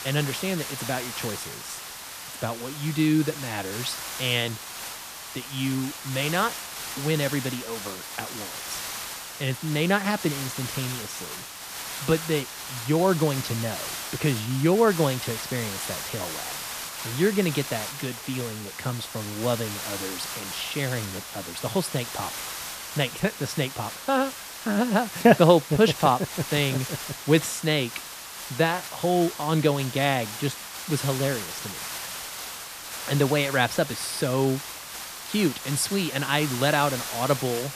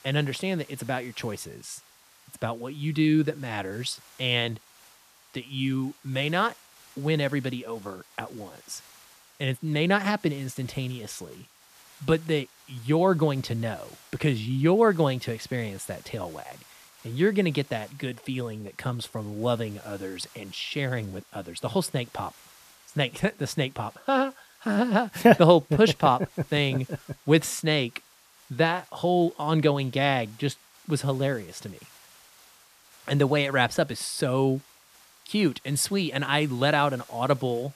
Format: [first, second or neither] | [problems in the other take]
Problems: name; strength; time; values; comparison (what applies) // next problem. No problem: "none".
second | hiss; loud; throughout; 8 dB below the speech; faint in the second